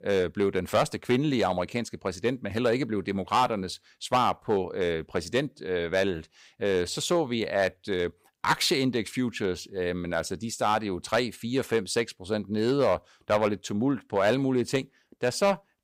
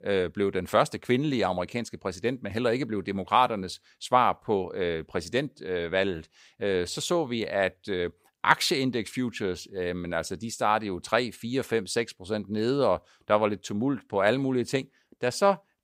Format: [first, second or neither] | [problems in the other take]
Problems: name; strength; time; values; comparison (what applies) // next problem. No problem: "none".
second | distortion; slight; 1.8% of the sound clipped